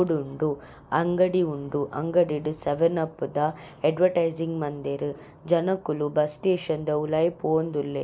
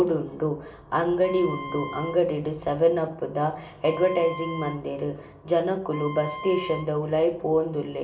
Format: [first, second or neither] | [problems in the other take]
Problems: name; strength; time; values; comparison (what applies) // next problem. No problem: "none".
first | background sound (Wind instrument, woodwind instrument); 14 dB below the speech // room echo; dies away in 0.8 s